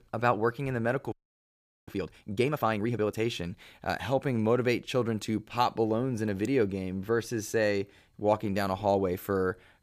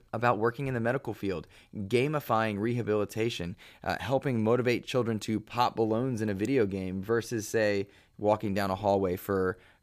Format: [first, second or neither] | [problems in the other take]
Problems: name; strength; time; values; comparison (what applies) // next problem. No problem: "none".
second | audio freezing; at 1 s for 1 s